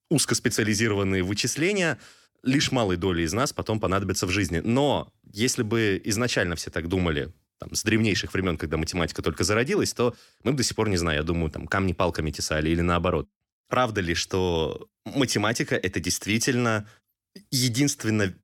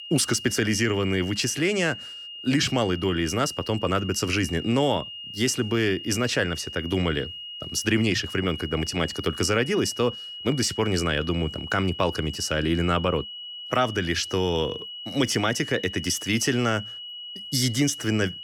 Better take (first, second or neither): first